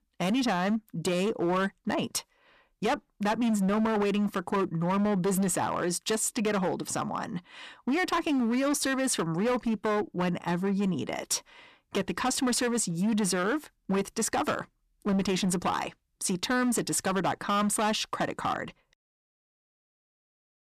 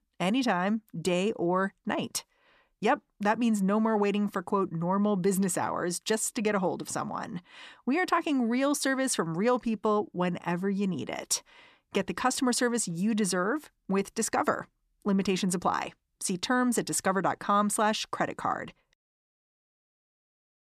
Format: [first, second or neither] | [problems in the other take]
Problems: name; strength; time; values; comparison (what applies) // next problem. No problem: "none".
second | distortion; slight; 13% of the sound clipped